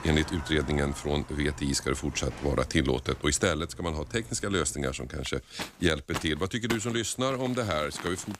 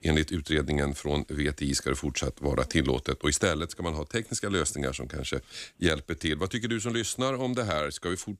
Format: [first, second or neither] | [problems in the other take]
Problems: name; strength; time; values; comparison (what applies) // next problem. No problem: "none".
second | household noises; noticeable; throughout; 15 dB below the speech